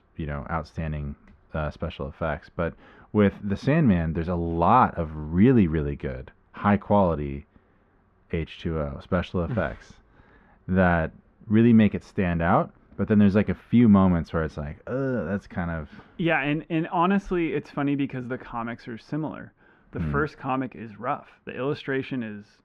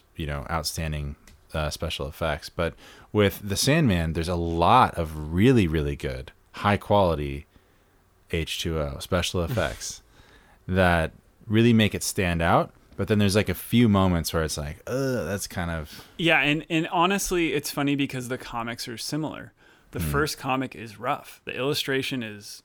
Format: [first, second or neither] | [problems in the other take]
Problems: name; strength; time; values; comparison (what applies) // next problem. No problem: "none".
second | muffled; very; fading above 1.5 kHz